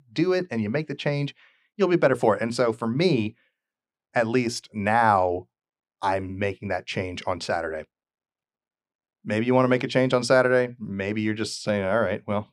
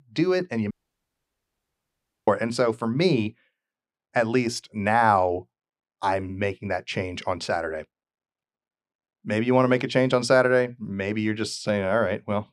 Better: first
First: none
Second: audio cutting out; at 0.5 s for 1.5 s

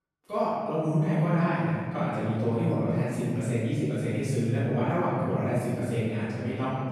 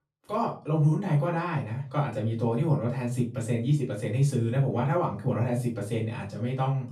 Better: second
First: room echo; strong; dies away in 2.2 s // off-mic speech; far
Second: room echo; slight; dies away in 0.3 s // off-mic speech; far

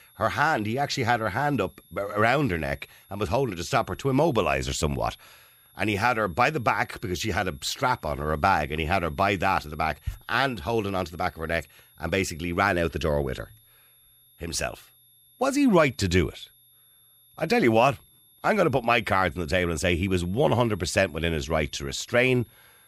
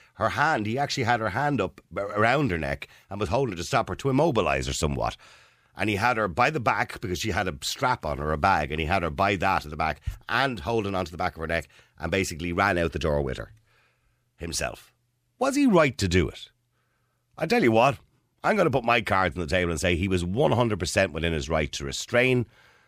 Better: second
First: high-pitched whine; faint; throughout; 11.5 kHz, 30 dB below the speech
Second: none

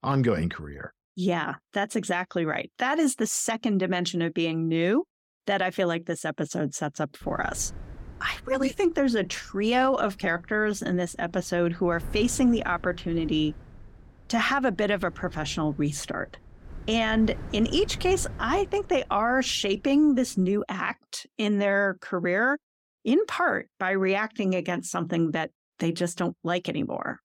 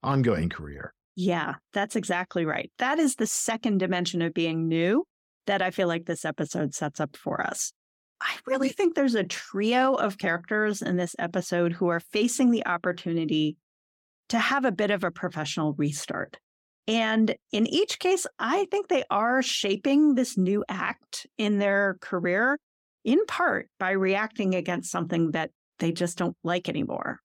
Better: second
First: wind noise on the microphone; occasional gusts; from 7 to 21 s; 25 dB below the speech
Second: none

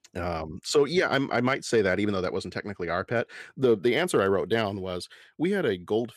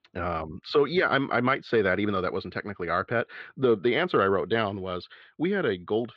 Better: first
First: none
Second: muffled; slightly; fading above 4 kHz

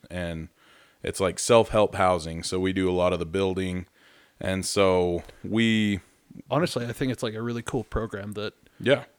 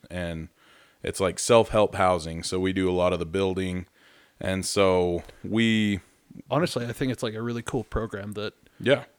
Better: neither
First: none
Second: none

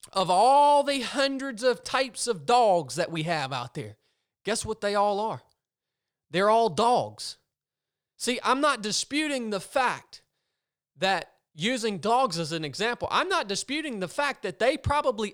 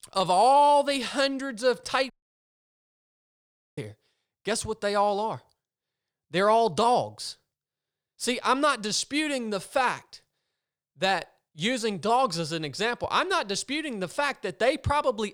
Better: first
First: none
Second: audio cutting out; at 2 s for 1.5 s

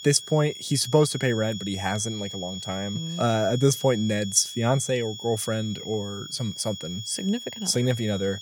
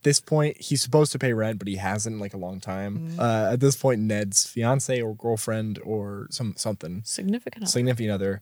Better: second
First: high-pitched whine; noticeable; throughout; 3.5 kHz, 10 dB below the speech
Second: none

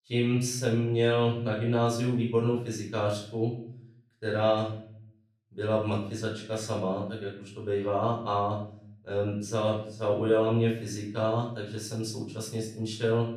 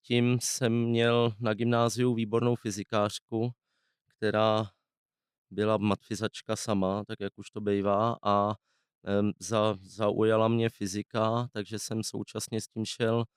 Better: second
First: off-mic speech; far // room echo; noticeable; dies away in 0.6 s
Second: none

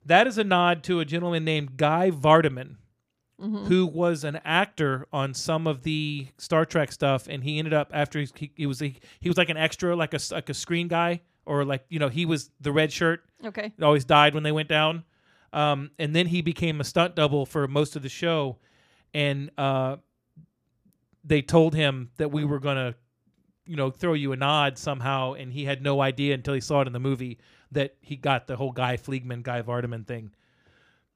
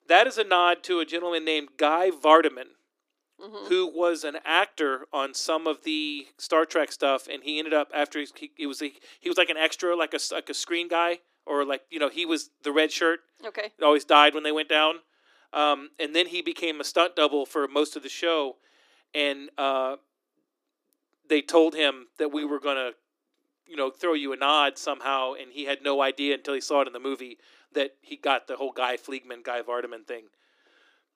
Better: first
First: none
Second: thin; somewhat; fading below 300 Hz

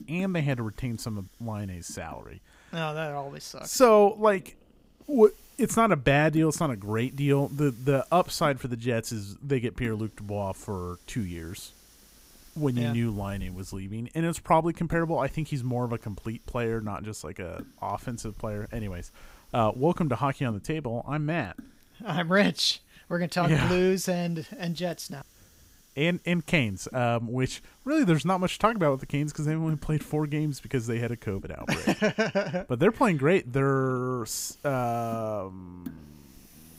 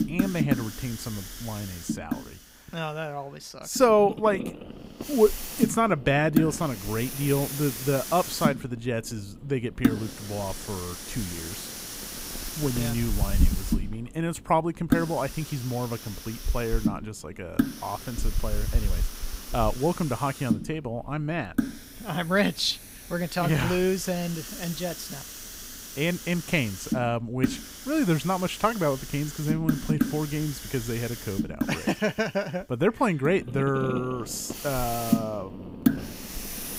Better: first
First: hiss; faint; throughout; 25 dB below the speech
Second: hiss; loud; throughout; 4 dB below the speech

